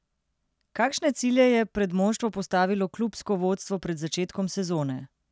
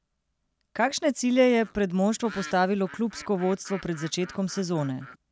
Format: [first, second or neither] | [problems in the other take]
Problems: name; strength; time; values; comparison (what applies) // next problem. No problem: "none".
first | background sound (Bird); 19 dB below the speech